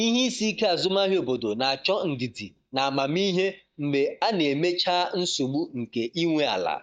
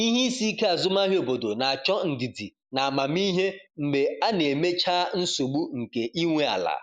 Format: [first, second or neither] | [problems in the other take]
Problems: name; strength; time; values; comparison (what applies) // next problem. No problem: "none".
second | noise reduction (neural mask model DeepFilterNet 3)